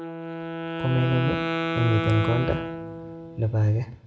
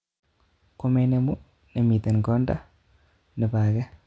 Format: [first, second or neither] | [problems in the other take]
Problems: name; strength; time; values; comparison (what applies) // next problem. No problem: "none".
second | background sound (Wind instrument, woodwind instrument); 4 dB below the speech // room echo; dies away in 0.7 s